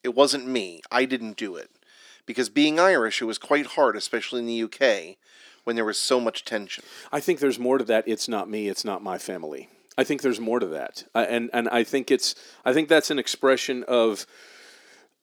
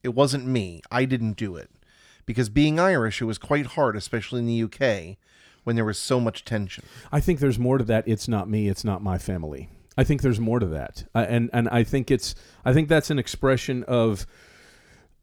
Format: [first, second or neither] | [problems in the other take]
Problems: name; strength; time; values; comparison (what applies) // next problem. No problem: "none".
second | thin; somewhat; fading below 300 Hz